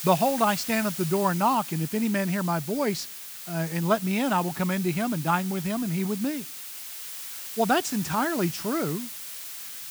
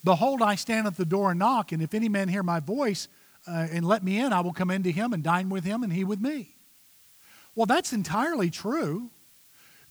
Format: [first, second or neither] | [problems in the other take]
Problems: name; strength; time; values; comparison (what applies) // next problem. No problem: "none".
second | hiss; loud; throughout; 9 dB below the speech; faint in the second